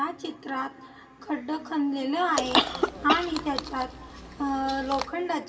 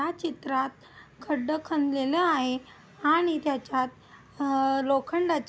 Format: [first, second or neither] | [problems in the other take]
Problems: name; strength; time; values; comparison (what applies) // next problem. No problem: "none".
second | background sound (Chewing, mastication / Cough); 1 dB below the speech // room echo; dies away in 2.9 s